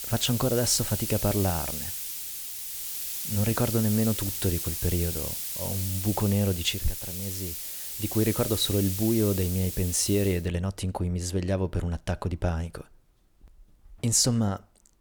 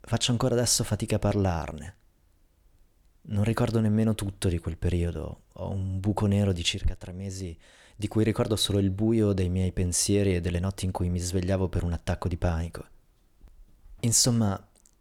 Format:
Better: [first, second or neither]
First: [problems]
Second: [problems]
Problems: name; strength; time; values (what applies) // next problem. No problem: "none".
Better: second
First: hiss; loud; until 10 s; 4 dB below the speech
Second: none